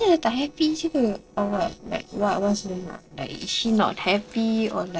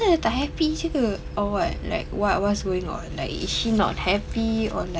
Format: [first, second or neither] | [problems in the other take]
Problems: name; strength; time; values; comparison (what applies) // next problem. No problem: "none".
second | noise reduction (neural separator model SepFormer DNS4)